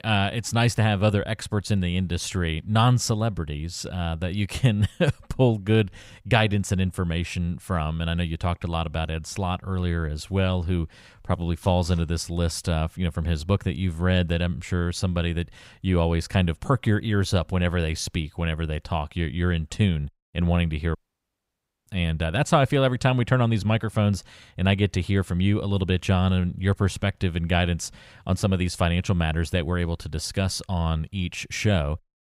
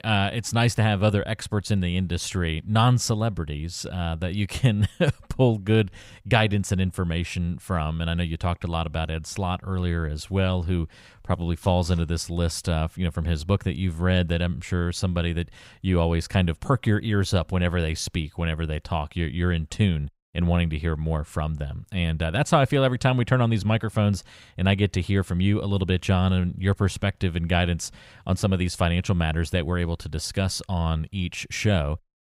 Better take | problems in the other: second | audio cutting out; at 21 s for 1 s

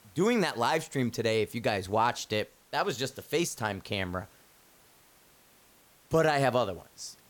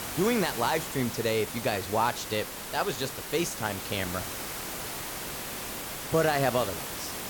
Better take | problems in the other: first | hiss; loud; throughout; 6 dB below the speech; faint in the first

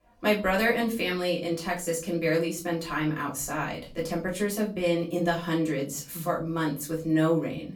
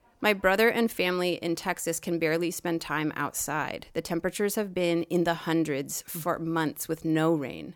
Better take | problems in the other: second | off-mic speech; far // room echo; very slight; dies away in 0.3 s

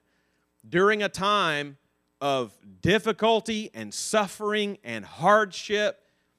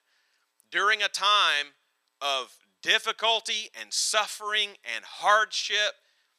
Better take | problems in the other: first | thin; very; fading below 950 Hz

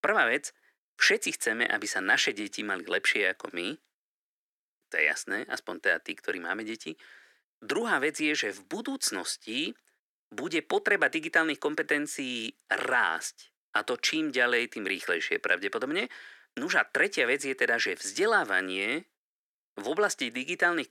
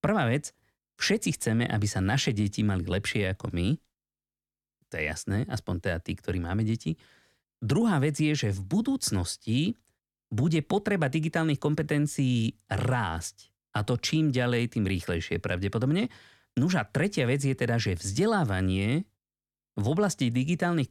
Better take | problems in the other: second | thin; very; fading below 350 Hz

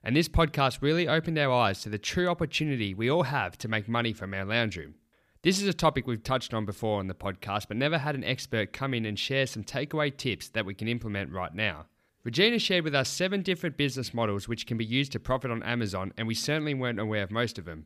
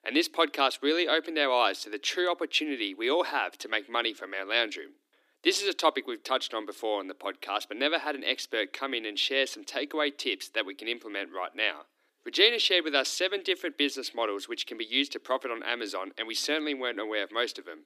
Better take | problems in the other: first | thin; somewhat; fading below 300 Hz

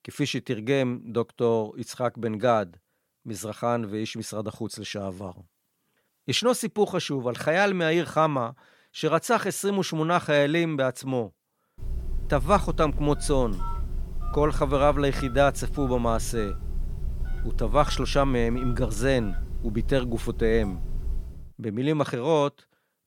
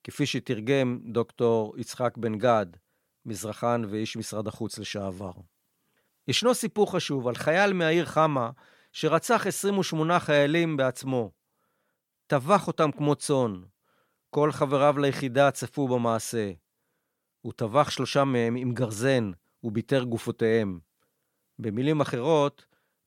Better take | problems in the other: second | phone ringing; noticeable; from 12 to 21 s; peak 8 dB below the speech

